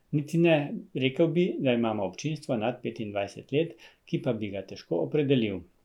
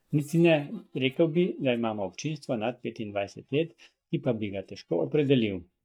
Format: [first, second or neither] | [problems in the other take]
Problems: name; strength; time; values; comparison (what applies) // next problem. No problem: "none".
first | noise reduction (neural mask model DeepFilterNet 3)